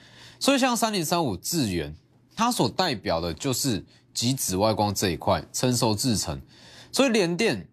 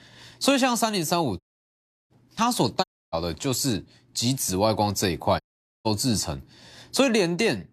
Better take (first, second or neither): first